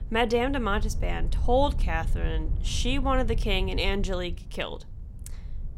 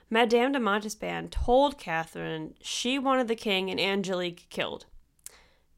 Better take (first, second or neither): second